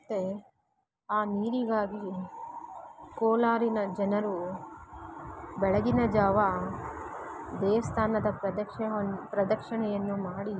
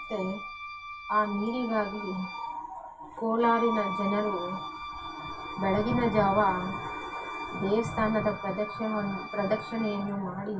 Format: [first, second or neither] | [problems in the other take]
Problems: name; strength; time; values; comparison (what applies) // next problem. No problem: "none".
first | background sound (Wind instrument, woodwind instrument); 10 dB below the speech // room echo; dies away in 0.2 s